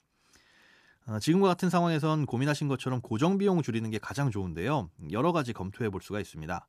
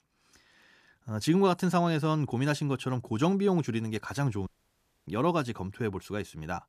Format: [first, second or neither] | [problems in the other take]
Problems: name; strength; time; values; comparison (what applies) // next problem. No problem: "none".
first | audio cutting out; at 4.5 s for 0.5 s